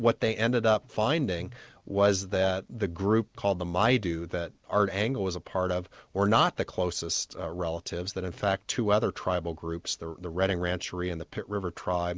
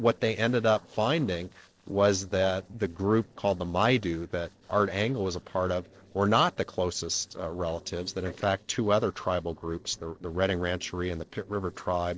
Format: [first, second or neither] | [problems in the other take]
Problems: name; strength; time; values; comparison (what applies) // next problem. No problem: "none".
first | noise reduction (neural separator model SepFormer DNS4)